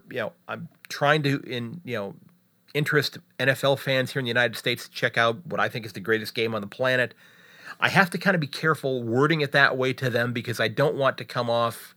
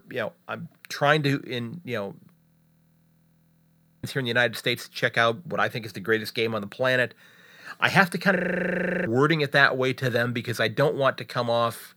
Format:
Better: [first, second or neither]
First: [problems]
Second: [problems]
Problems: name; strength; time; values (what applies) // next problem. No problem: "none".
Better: first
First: none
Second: audio freezing; at 2.5 s for 1.5 s and at 8.5 s for 0.5 s